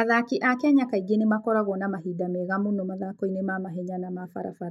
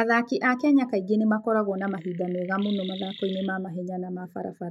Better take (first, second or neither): first